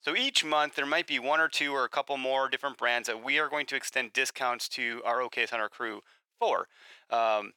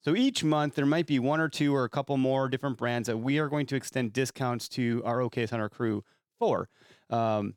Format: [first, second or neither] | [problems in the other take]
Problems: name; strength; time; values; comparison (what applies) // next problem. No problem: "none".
second | thin; very; fading below 750 Hz